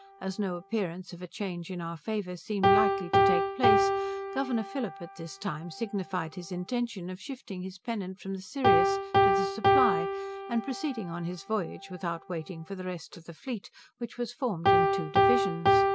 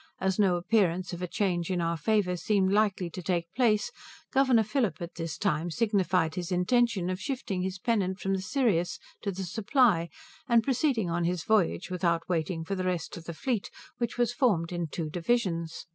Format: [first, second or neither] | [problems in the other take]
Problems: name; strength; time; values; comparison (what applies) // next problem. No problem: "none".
second | background sound (Piano); 4 dB above the speech